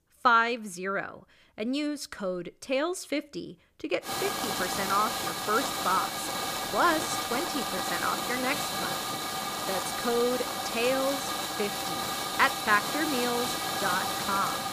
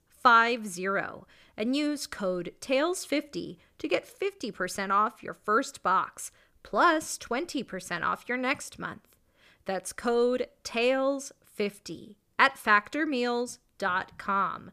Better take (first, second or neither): second